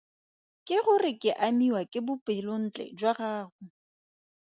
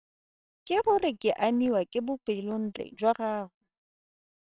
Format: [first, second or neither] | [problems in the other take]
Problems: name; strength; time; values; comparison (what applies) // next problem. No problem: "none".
first | noise reduction (neural separator model SepFormer WHAMR!)